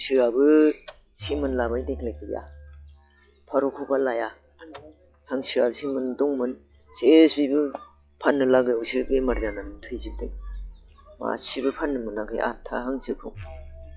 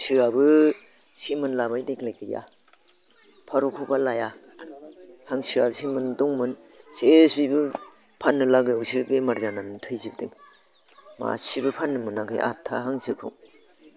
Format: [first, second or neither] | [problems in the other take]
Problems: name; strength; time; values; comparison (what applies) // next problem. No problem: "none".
second | noise reduction (classical method log-MMSE)